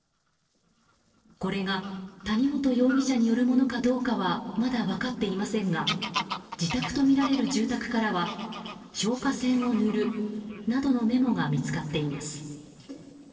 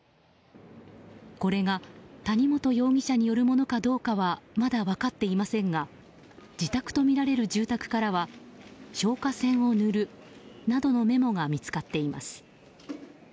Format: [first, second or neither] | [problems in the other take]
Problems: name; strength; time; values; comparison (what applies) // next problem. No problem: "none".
second | noise reduction (neural separator model SepFormer DNS4)